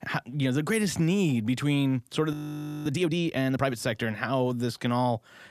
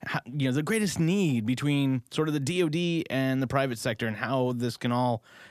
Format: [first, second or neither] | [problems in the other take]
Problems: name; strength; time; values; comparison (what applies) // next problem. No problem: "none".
second | audio freezing; at 2.5 s for 0.5 s